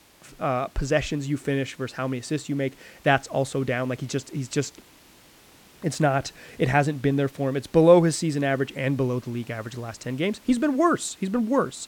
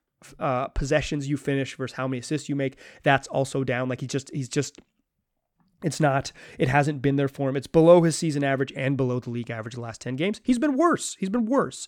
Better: second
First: hiss; faint; throughout; 25 dB below the speech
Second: none

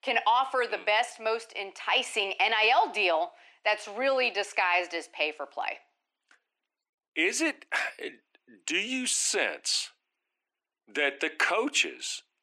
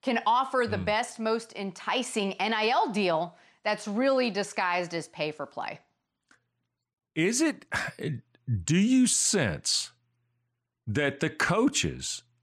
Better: second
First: thin; very; fading below 300 Hz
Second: none

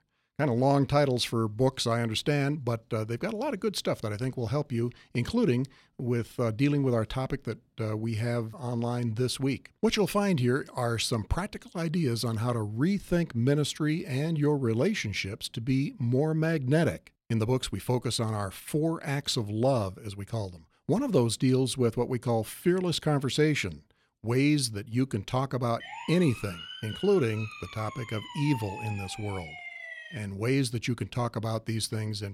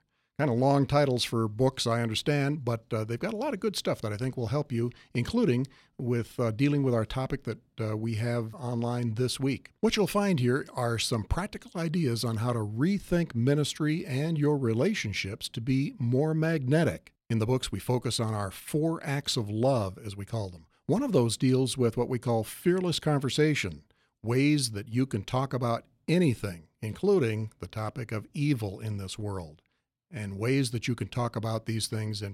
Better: second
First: siren; faint; from 26 to 30 s; peak 10 dB below the speech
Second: none

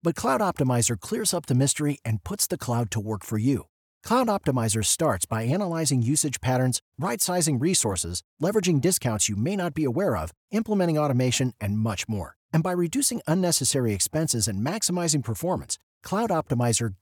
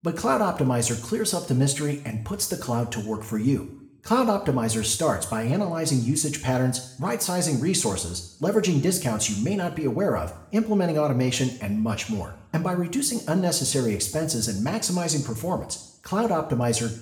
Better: first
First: none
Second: room echo; slight; dies away in 0.6 s

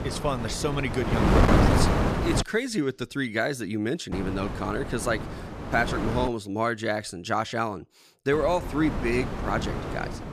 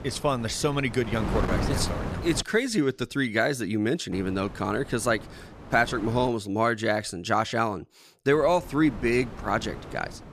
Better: second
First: wind noise on the microphone; heavy; until 2.5 s, from 4 to 6.5 s and from 8.5 s on; 2 dB below the speech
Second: wind noise on the microphone; occasional gusts; until 2.5 s, from 4 to 6.5 s and from 8.5 s on; 10 dB below the speech

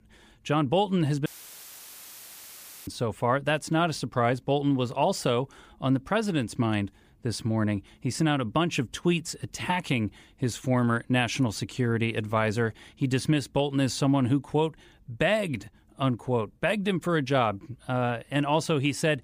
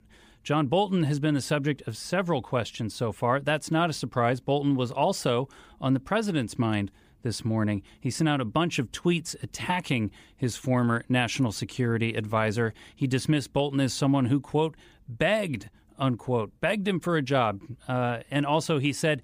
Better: second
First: audio cutting out; filled with static; at 1.5 s for 1.5 s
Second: none

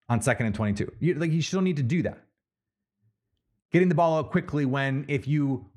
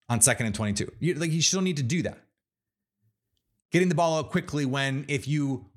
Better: second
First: muffled; very; fading above 3.5 kHz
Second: none

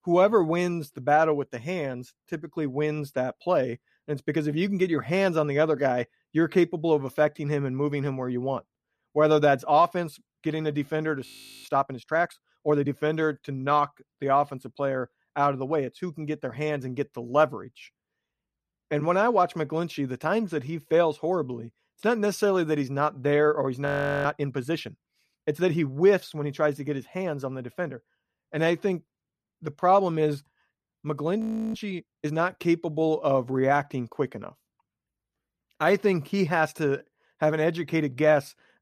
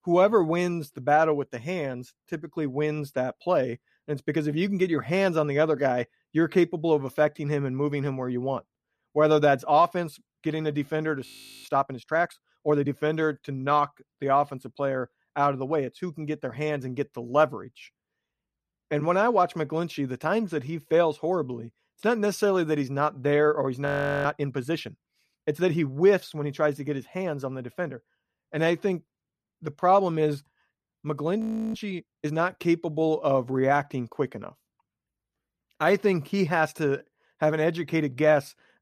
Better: neither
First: audio freezing; at 11 s, at 24 s and at 31 s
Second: audio freezing; at 11 s, at 24 s and at 31 s

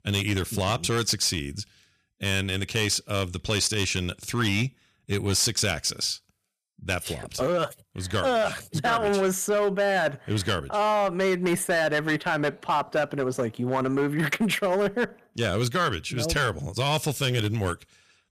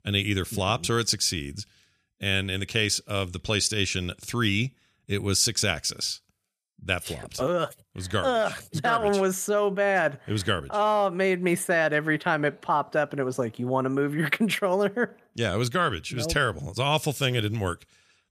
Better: second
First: distortion; slight; 7% of the sound clipped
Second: none

